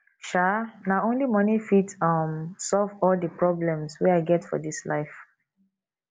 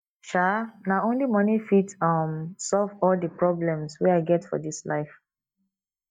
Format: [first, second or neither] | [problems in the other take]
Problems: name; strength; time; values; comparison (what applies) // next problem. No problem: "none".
first | noise reduction (neural mask model DeepFilterNet 3)